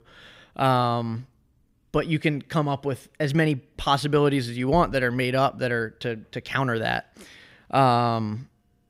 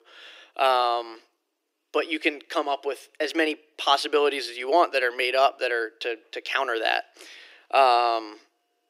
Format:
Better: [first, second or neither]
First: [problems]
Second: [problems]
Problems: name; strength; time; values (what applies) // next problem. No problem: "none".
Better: first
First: none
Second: thin; very; fading below 300 Hz